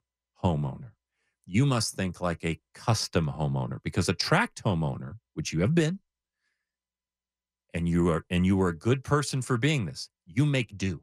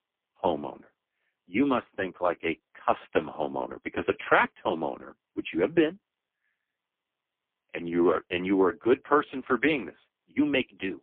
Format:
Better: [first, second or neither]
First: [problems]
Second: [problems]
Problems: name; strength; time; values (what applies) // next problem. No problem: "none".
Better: first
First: none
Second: phone-call audio; poor line; nothing above 3.5 kHz